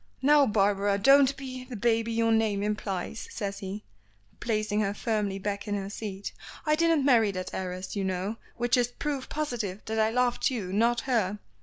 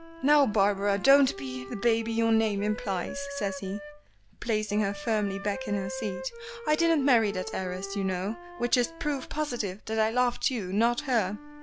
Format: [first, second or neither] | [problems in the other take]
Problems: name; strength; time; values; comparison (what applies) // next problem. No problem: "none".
first | background sound (Wind instrument, woodwind instrument); 14 dB below the speech